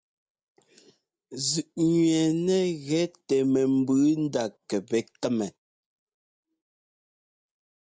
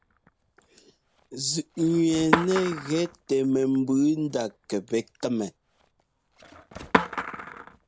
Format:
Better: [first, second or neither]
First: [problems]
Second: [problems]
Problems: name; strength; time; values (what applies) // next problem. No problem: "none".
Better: first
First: none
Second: background sound (Skateboard); 6 dB below the speech